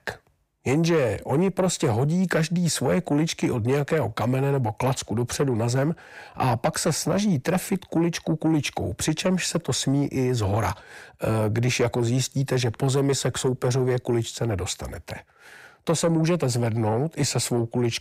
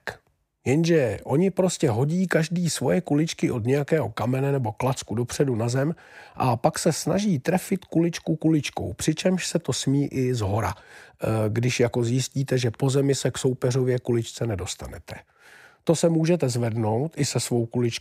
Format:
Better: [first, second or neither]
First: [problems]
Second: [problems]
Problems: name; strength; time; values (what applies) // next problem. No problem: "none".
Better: second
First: distortion; slight; 10 dB below the speech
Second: none